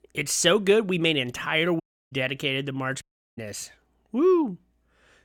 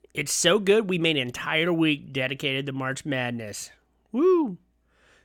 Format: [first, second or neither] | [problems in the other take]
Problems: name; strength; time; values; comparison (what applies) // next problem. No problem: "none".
second | audio cutting out; at 2 s and at 3 s